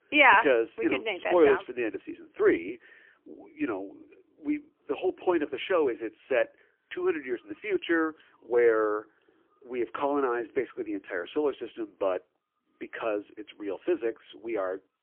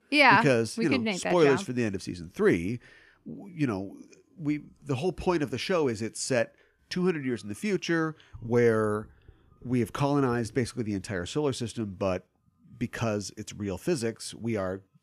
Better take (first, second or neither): second